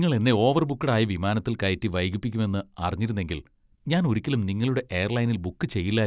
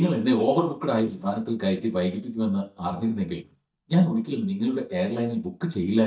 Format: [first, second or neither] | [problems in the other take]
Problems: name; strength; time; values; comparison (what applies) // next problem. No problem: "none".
first | noise reduction (neural mask model DeepFilterNet 3)